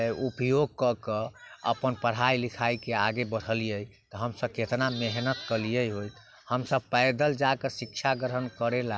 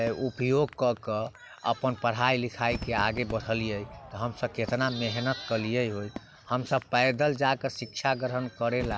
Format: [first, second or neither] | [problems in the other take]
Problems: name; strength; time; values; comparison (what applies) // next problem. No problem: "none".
first | background sound (Crowd / Fireworks); 17 dB below the speech